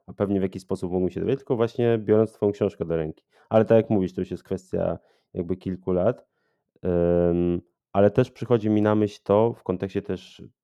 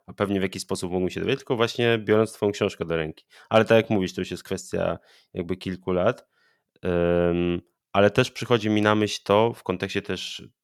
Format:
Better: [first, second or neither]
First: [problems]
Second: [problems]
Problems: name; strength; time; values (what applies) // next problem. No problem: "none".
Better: second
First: muffled; slightly; fading above 1 kHz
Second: none